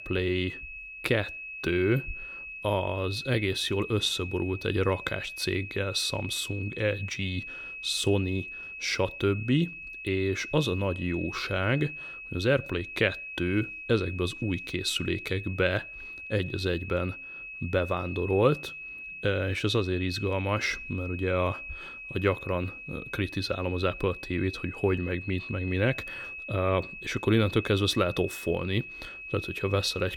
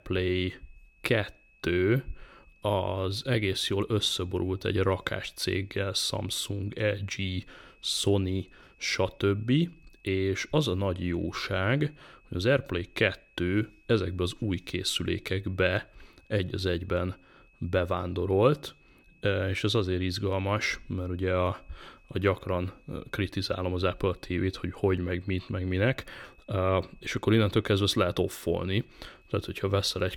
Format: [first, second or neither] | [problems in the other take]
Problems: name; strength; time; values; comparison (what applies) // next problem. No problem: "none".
second | high-pitched whine; loud; throughout; 2.5 kHz, 9 dB below the speech; faint in the second